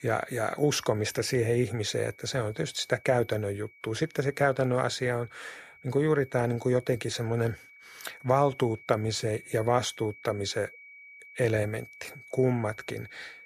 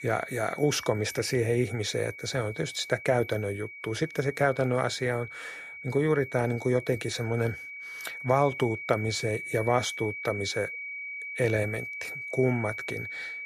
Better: first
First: high-pitched whine; faint; throughout; 2.5 kHz, 20 dB below the speech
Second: high-pitched whine; loud; throughout; 2.5 kHz, 9 dB below the speech

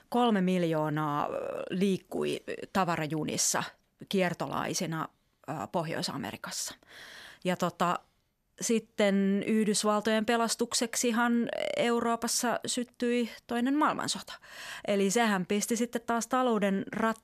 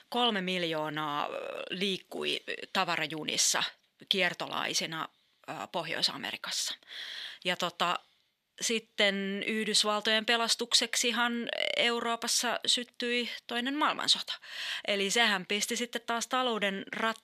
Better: first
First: none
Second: thin; very slightly; fading below 350 Hz

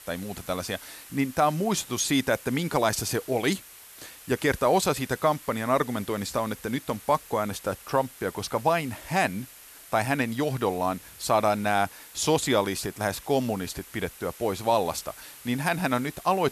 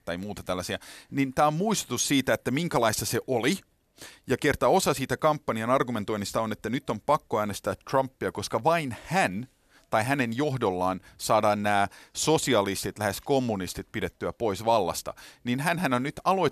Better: second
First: hiss; noticeable; throughout; 20 dB below the speech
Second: none

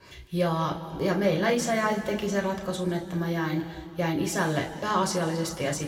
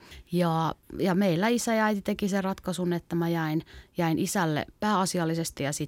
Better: second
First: room echo; slight; dies away in 2 s // off-mic speech; somewhat distant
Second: none

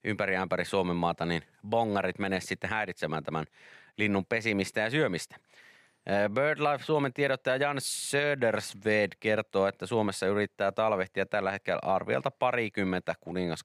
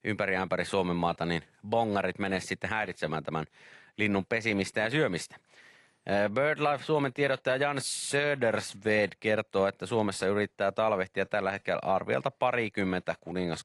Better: first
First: none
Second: garbled, watery; slightly; nothing above 11 kHz

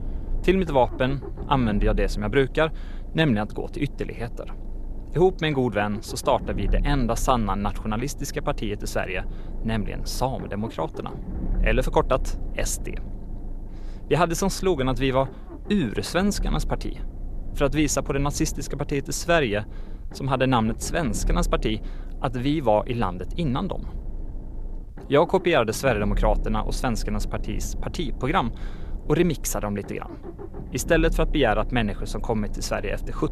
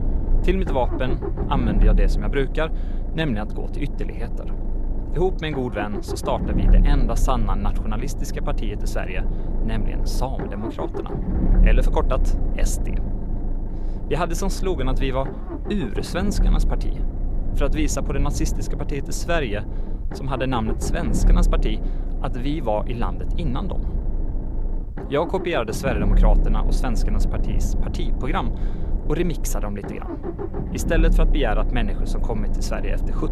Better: first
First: low rumble; faint; throughout; 20 dB below the speech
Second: low rumble; loud; throughout; 9 dB below the speech

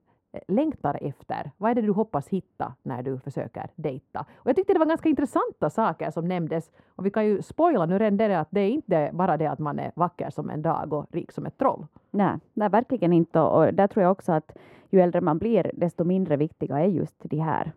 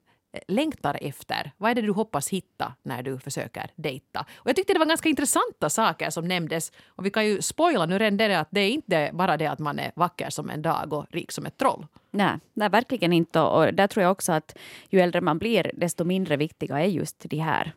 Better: second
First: muffled; very; fading above 2 kHz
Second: none

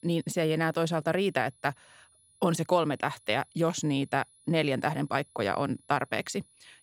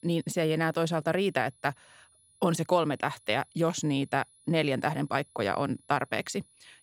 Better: neither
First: high-pitched whine; faint; throughout; 10.5 kHz, 30 dB below the speech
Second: high-pitched whine; faint; throughout; 10.5 kHz, 30 dB below the speech

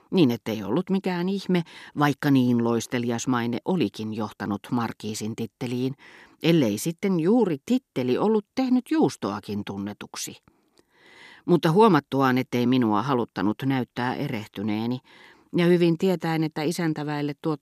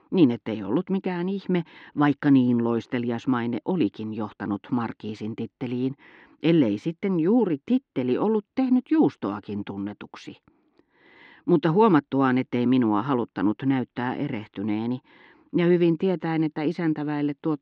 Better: first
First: none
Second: muffled; slightly; fading above 3 kHz

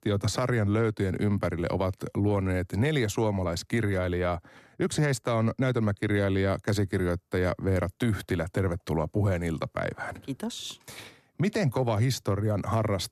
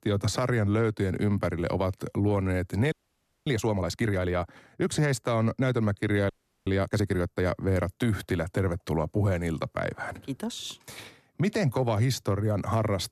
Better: first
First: none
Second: audio freezing; at 3 s for 0.5 s and at 6.5 s

